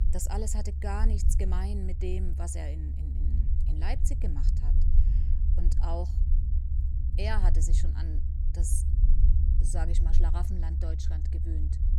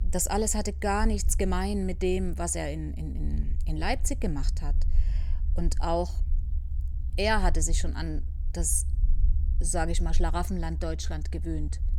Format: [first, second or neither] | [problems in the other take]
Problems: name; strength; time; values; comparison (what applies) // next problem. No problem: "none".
second | low rumble; loud; throughout; 7 dB below the speech; faint in the second